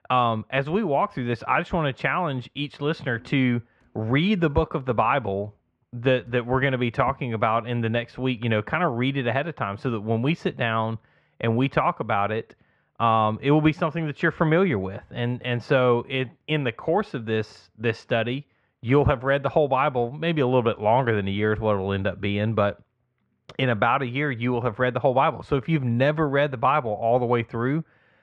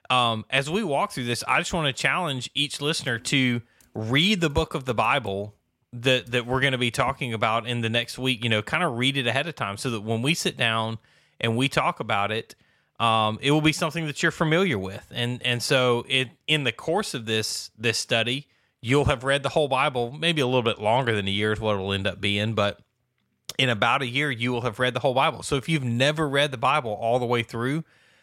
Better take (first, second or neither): second